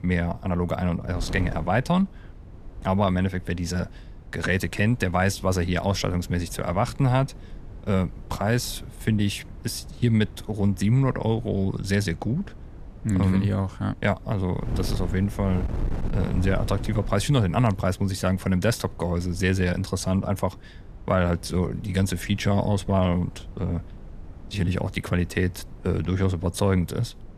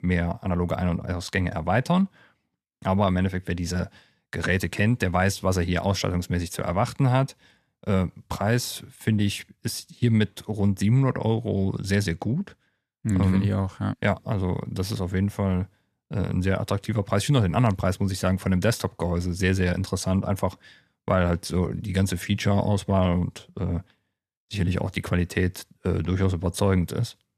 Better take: second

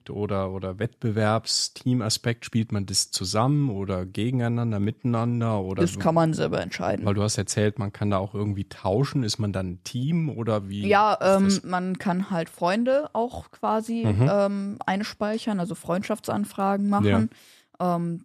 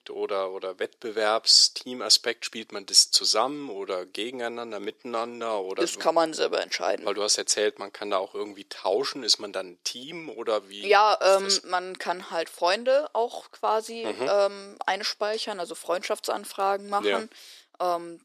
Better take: first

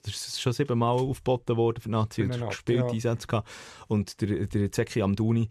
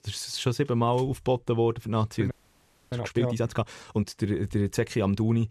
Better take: first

